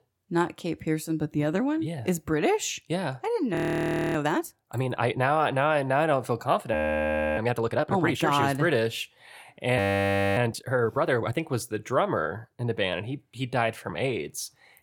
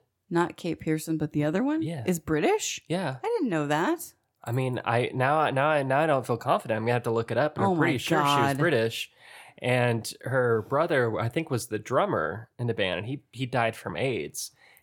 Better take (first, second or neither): second